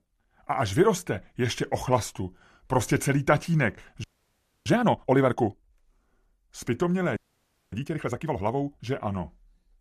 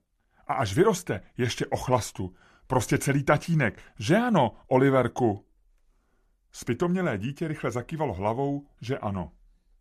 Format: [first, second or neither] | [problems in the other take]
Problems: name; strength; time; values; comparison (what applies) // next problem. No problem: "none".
second | audio freezing; at 4 s for 0.5 s and at 7 s for 0.5 s